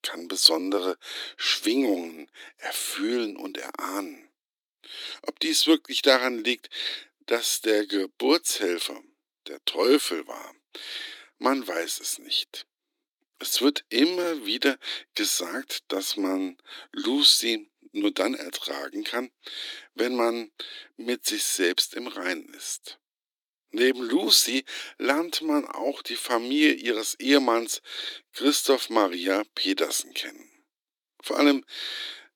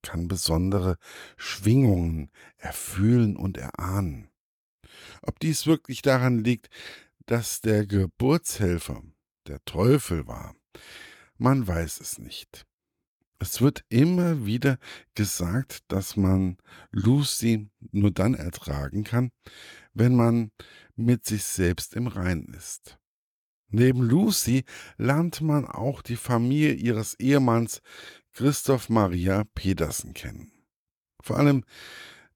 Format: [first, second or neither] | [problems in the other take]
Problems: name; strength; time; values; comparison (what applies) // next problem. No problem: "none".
second | thin; somewhat; fading below 300 Hz